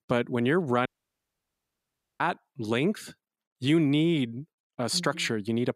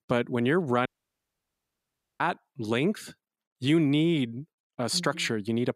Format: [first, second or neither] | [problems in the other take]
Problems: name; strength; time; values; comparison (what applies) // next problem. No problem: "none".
neither | audio cutting out; at 1 s for 1.5 s; the same in both